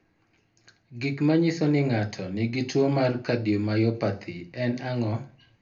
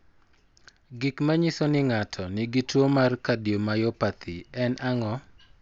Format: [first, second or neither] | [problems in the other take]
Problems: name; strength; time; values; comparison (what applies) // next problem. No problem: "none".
second | room echo; dies away in 0.3 s